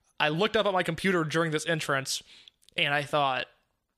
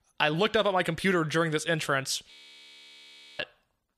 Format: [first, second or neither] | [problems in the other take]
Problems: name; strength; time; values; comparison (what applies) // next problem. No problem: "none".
first | audio freezing; at 2.5 s for 1 s